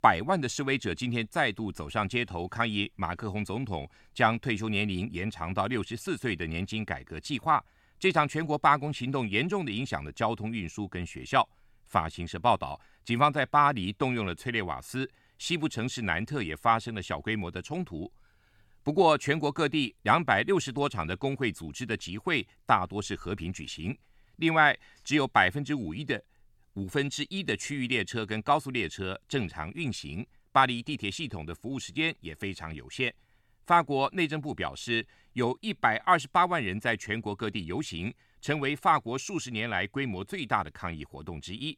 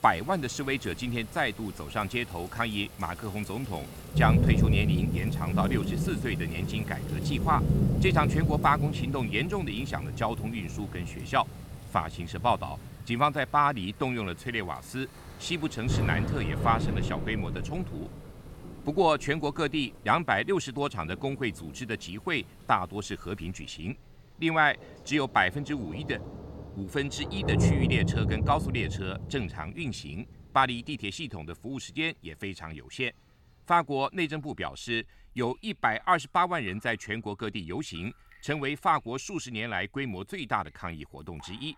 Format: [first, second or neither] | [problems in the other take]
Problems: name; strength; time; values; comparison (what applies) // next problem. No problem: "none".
first | rain or running water; loud; throughout; 1 dB below the speech